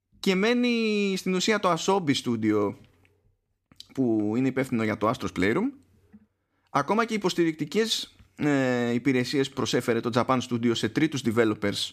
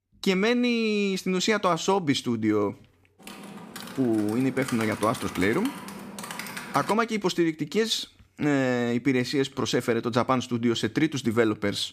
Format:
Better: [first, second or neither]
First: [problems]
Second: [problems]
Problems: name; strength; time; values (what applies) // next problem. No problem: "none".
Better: first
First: none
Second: keyboard typing; noticeable; from 3 to 7 s; peak 9 dB below the speech